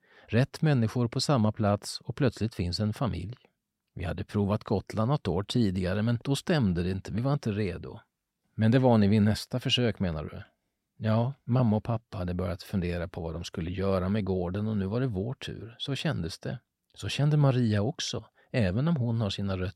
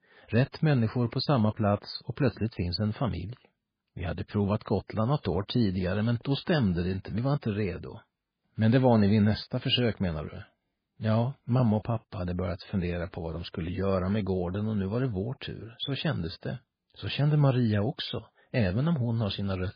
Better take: first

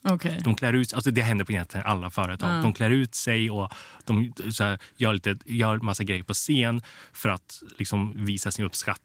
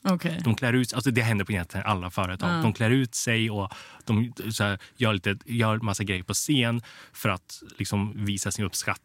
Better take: second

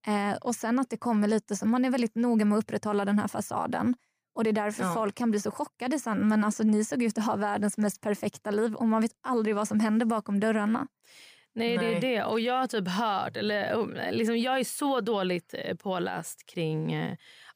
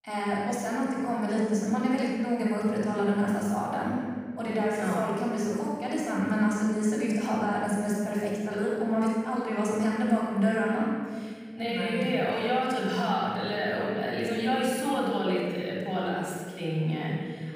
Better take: first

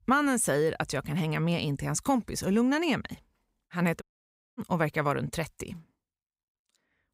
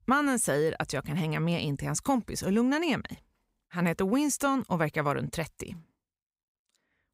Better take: second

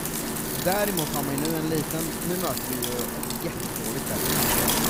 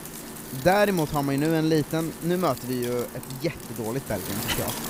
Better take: second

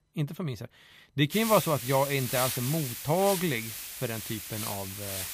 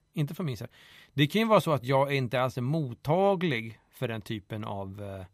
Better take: second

